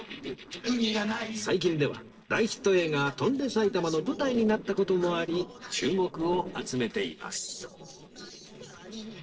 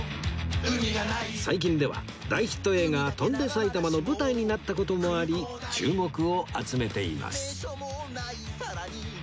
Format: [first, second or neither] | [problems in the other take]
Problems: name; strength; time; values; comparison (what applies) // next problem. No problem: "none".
second | noise reduction (neural separator model SepFormer DNS4)